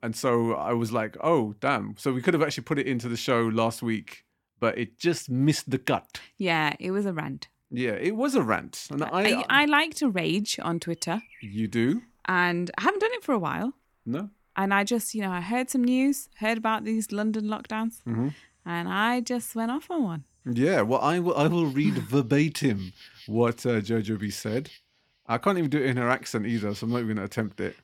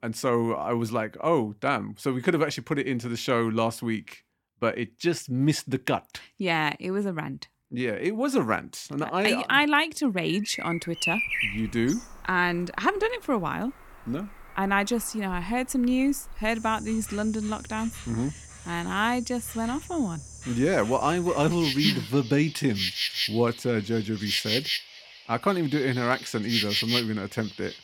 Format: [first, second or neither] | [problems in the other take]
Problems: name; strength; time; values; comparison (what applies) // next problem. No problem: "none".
first | animal sounds; loud; from 11 s on; 4 dB below the speech; faint in the first